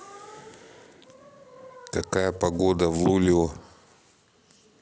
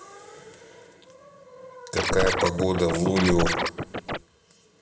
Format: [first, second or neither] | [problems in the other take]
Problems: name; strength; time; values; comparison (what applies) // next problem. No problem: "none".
first | background sound (Scratching (performance technique)); as loud as the speech // room echo; dies away in 1 s